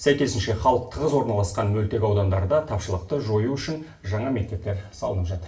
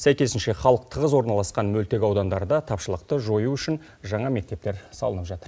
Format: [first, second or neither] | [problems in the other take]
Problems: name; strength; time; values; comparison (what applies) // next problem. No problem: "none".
second | background sound (Fart); 17 dB below the speech // room echo; dies away in 0.4 s